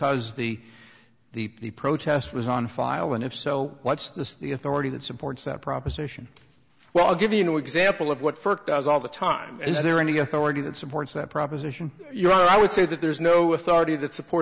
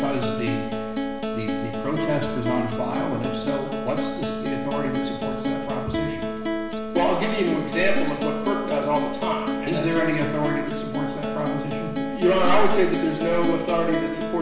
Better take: first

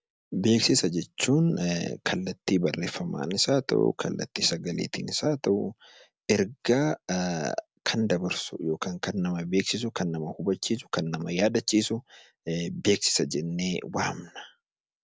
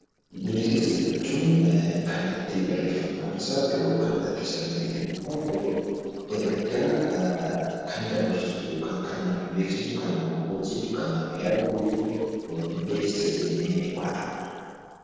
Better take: first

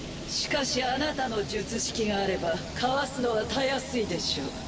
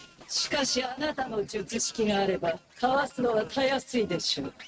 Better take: first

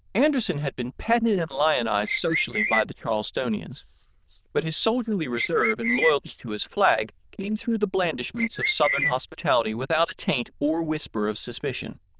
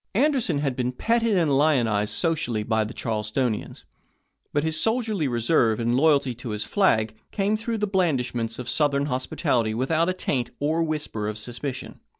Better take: second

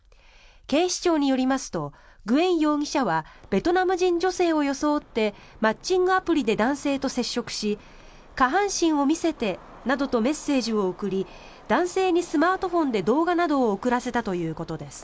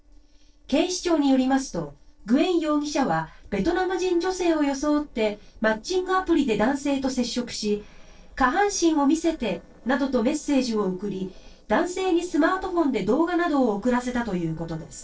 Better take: first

